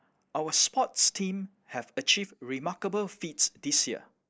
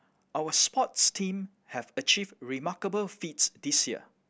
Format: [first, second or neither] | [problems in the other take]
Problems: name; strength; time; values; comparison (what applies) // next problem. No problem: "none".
second | noise reduction (neural mask model Resemble Enhance denoiser)